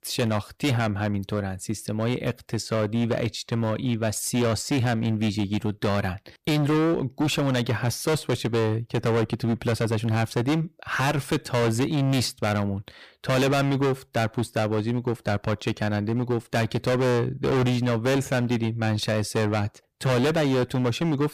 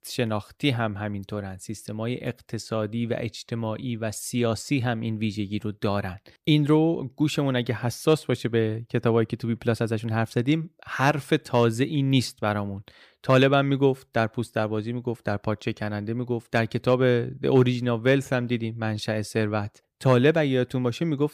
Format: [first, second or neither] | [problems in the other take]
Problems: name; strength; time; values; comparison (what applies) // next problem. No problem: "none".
second | distortion; heavy; 21% of the sound clipped